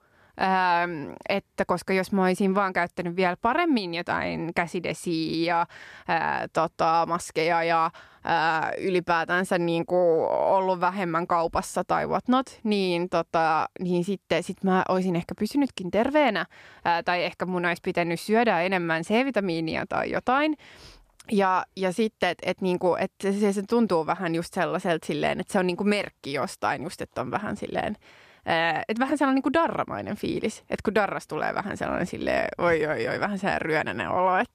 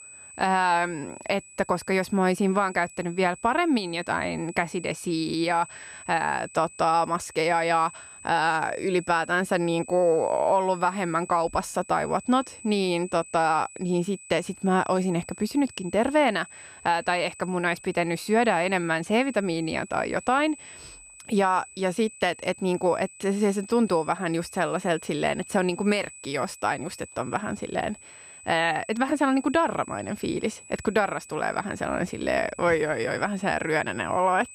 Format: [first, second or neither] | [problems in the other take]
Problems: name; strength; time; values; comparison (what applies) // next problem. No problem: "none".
first | high-pitched whine; noticeable; throughout; 8 kHz, 20 dB below the speech